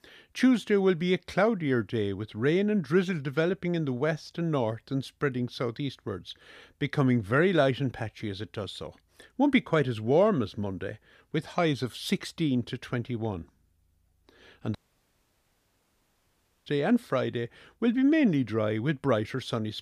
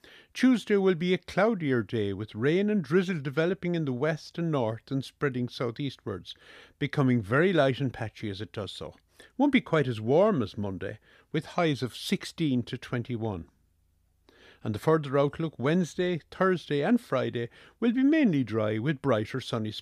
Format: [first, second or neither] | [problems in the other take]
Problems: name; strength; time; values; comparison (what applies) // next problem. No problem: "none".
second | audio cutting out; at 15 s for 2 s